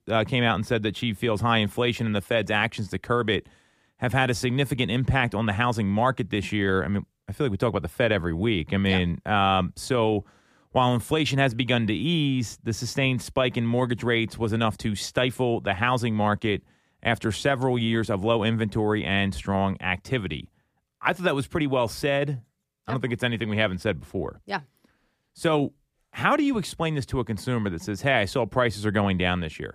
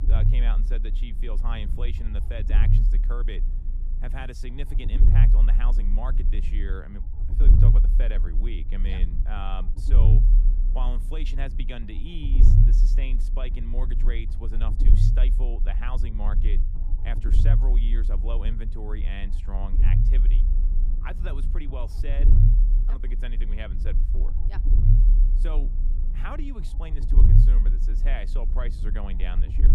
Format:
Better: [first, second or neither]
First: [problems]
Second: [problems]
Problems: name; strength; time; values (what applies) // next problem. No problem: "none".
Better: first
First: none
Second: low rumble; loud; throughout; 3 dB below the speech